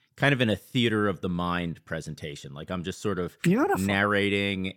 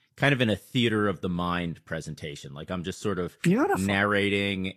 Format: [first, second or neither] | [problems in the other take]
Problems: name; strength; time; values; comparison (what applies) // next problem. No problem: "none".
first | garbled, watery; slightly; nothing above 13 kHz